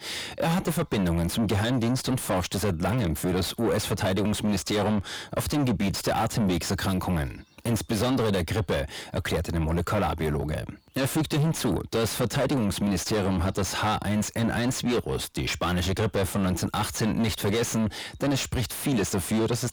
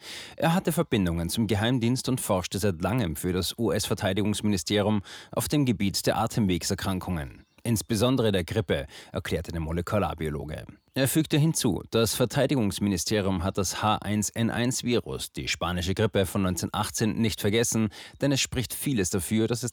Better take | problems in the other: second | distortion; heavy; 6 dB below the speech

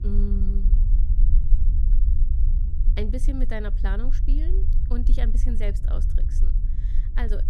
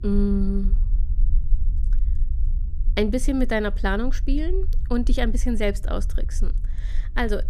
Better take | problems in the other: second | low rumble; loud; throughout; 8 dB below the speech; faint in the second

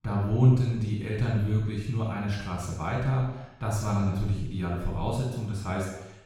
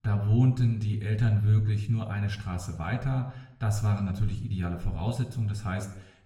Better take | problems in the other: second | room echo; strong; dies away in 0.9 s; slight in the second // off-mic speech; far; somewhat distant in the second

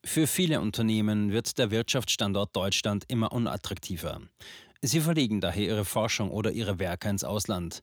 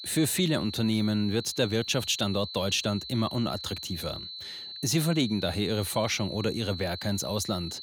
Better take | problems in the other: first | high-pitched whine; loud; throughout; 4 kHz, 9 dB below the speech

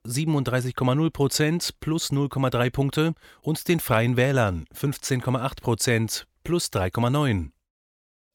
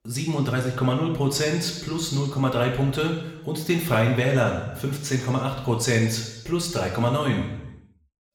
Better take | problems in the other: first | room echo; noticeable; dies away in 0.9 s // off-mic speech; somewhat distant

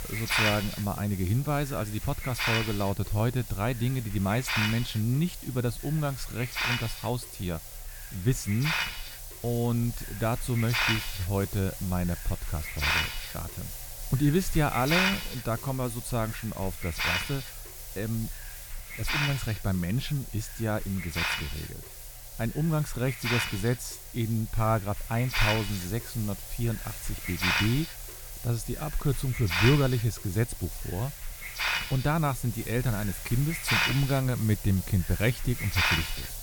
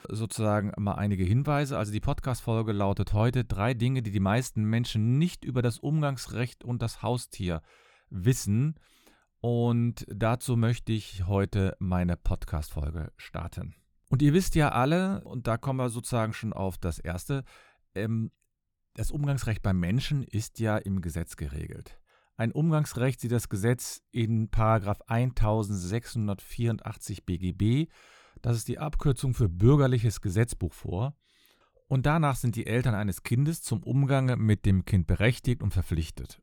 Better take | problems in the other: second | hiss; loud; throughout; 3 dB below the speech

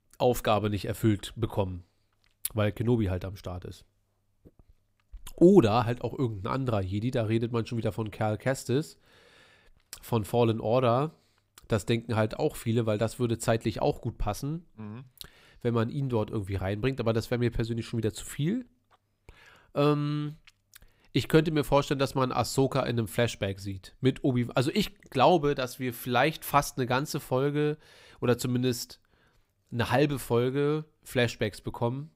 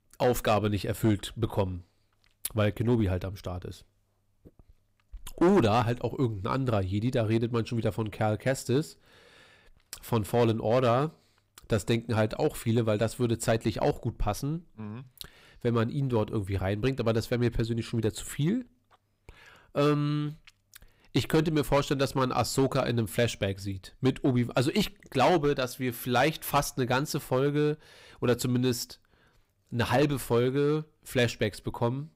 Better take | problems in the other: first | distortion; slight; 3% of the sound clipped

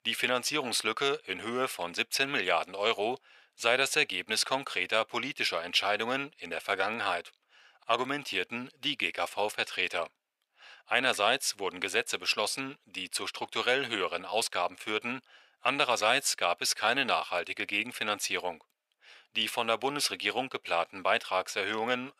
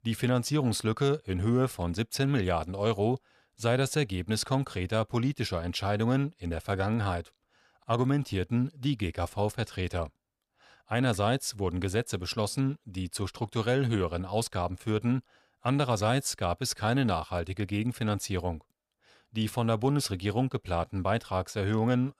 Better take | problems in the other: second | thin; very; fading below 500 Hz

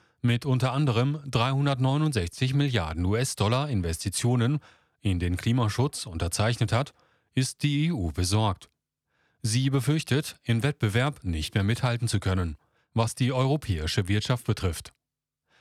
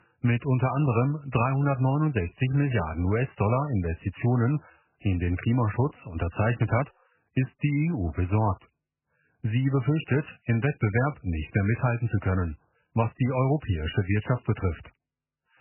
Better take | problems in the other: first | garbled, watery; badly; nothing above 3 kHz

